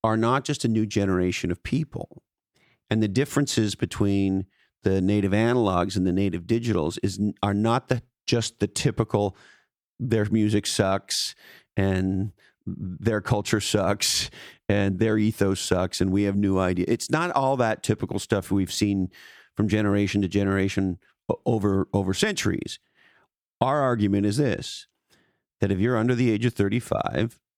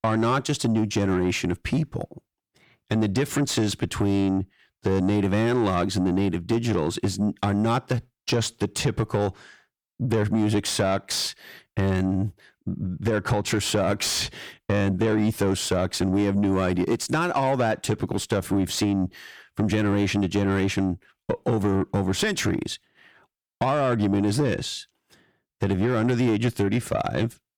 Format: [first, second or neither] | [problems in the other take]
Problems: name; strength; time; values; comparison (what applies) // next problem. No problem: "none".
first | distortion; slight; 10 dB below the speech